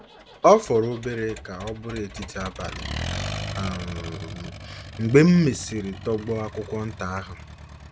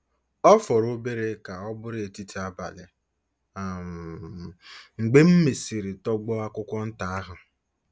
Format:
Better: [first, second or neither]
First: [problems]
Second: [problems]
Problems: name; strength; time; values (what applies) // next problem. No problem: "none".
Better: second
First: background sound (Accelerating, revving, vroom); 11 dB below the speech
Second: none